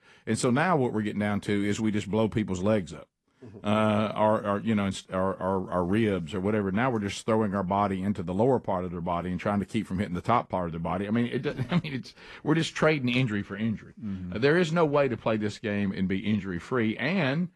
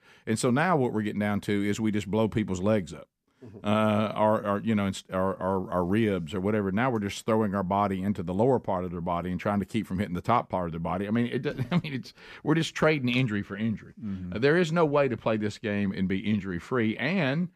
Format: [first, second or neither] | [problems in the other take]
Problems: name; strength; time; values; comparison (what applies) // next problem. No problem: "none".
second | garbled, watery; slightly